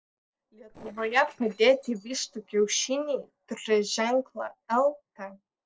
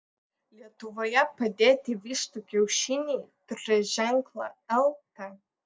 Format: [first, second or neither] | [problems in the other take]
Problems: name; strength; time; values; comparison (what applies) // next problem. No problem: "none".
second | noise reduction (neural separator model SepFormer DNS4)